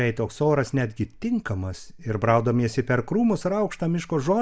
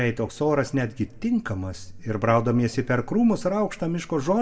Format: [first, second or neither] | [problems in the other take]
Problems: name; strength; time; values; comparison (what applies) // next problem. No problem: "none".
first | room echo; dies away in 0.4 s